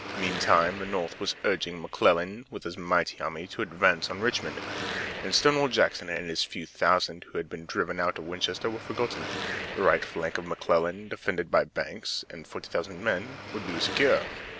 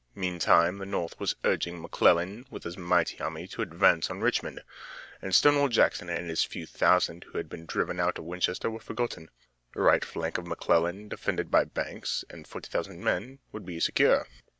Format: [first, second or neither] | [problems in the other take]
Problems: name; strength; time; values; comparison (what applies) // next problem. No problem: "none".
second | background sound (Car passing by / Traffic noise, roadway noise / Engine); 11 dB below the speech